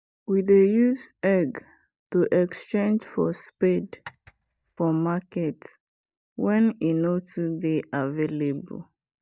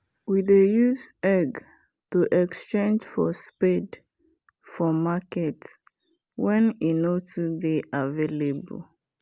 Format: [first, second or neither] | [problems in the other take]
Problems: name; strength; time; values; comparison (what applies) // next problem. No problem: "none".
second | noise reduction (neural mask model DeepFilterNet 3)